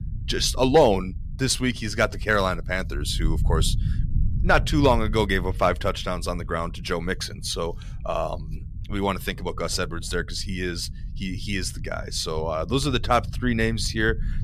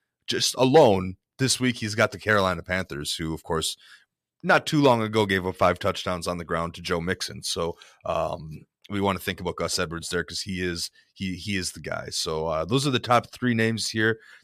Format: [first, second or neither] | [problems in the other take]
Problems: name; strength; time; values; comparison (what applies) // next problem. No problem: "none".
second | low rumble; faint; throughout; 25 dB below the speech